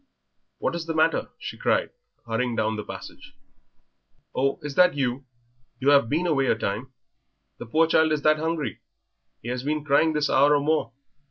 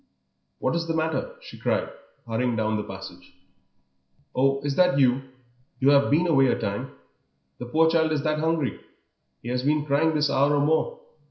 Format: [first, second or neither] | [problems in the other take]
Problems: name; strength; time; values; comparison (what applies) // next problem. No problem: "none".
first | room echo; dies away in 0.5 s